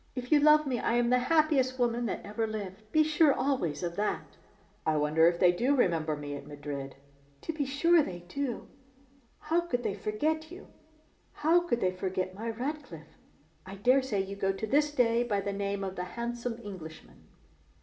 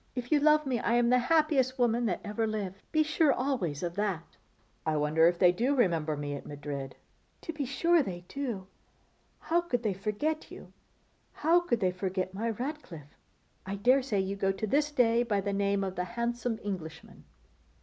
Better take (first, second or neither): second